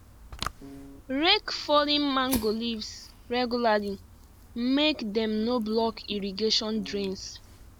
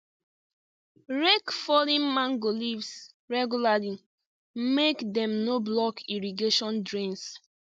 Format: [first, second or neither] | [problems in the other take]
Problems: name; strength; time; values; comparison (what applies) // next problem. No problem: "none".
second | background sound (Piano + Fire); 15 dB below the speech